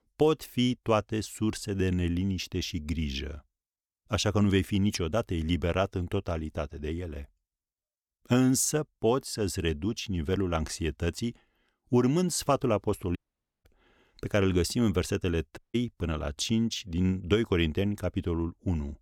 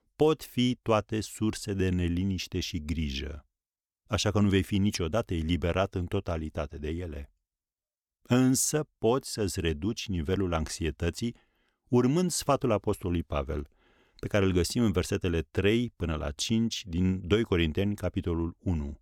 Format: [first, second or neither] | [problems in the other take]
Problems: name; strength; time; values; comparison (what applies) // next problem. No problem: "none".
second | audio cutting out; at 13 s and at 16 s